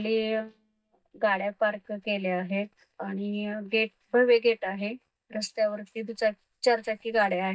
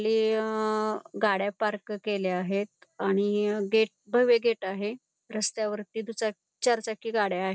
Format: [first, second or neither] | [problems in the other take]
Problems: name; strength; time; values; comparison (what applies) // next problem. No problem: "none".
second | noise reduction (neural mask model DeepFilterNet 3)